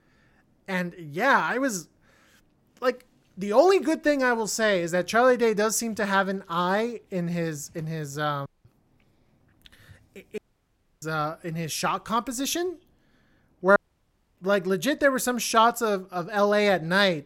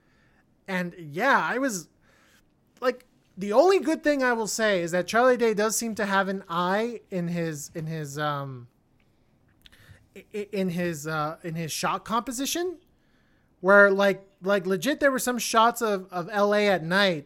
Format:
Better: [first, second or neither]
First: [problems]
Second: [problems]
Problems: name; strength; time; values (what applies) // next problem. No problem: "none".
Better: second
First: audio cutting out; at 8.5 s, at 10 s for 0.5 s and at 14 s for 0.5 s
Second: none